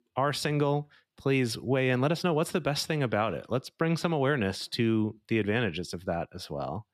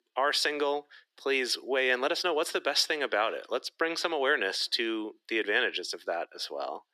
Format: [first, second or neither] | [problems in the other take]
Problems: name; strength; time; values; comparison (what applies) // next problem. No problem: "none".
first | thin; very; fading below 350 Hz